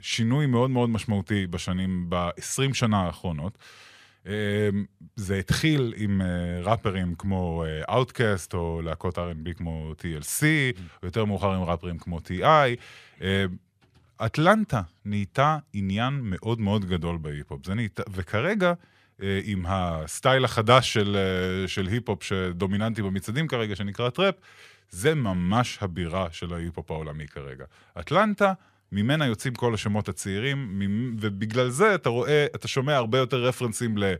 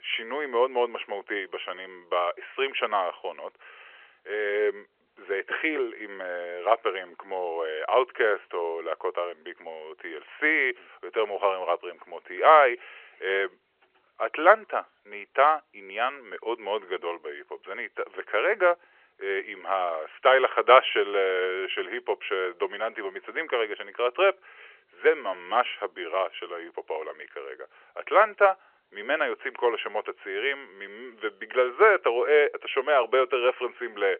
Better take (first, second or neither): first